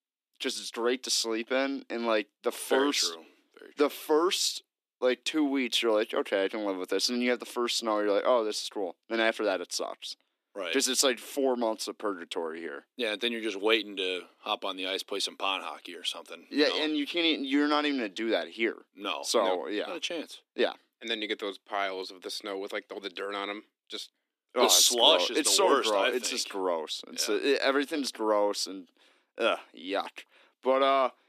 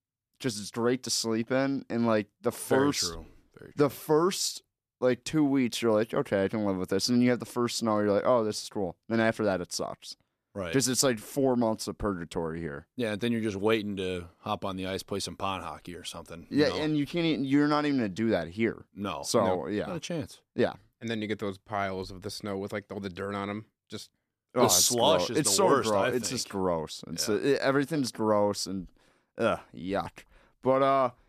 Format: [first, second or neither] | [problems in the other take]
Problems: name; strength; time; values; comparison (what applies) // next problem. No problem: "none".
second | thin; very slightly; fading below 250 Hz